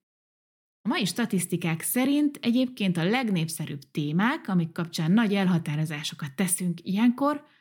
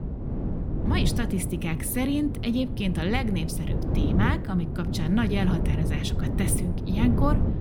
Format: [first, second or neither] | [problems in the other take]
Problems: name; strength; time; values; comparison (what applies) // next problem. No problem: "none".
first | wind noise on the microphone; heavy; 6 dB below the speech